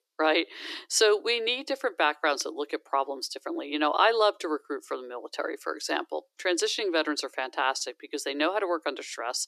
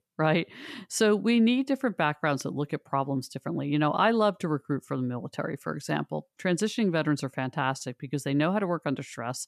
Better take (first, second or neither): second